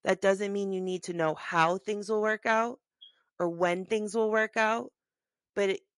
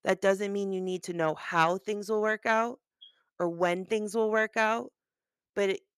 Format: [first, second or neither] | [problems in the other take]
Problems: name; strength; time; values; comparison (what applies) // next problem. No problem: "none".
second | garbled, watery; slightly